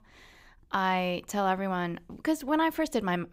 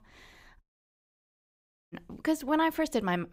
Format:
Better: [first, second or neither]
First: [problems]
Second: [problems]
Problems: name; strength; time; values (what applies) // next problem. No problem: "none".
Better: first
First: none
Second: audio cutting out; at 0.5 s for 1.5 s